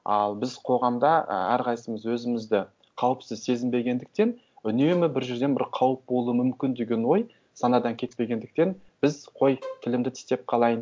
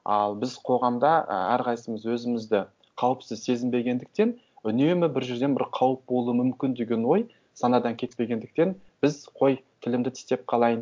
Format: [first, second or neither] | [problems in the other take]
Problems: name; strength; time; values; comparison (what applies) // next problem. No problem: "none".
second | background sound (Bowed string instrument); 18 dB below the speech